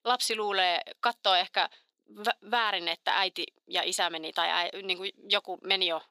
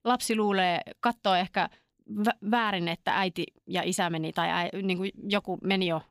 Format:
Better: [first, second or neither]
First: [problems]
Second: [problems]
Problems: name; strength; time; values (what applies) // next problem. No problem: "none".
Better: second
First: thin; very; fading below 400 Hz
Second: none